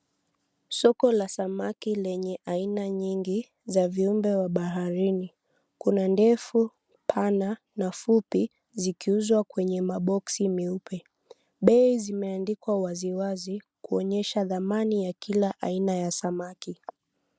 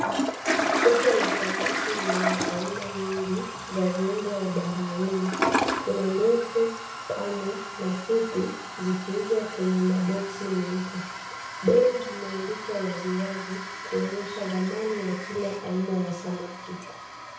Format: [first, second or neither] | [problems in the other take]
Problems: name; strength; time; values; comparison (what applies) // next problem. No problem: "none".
first | background sound (Toilet flush); 4 dB below the speech // room echo; dies away in 0.6 s